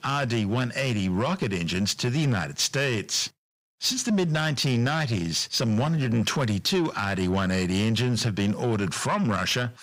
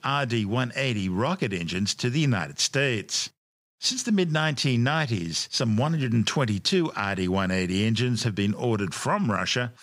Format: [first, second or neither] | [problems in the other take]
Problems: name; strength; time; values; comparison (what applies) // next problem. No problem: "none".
second | distortion; slight; 10 dB below the speech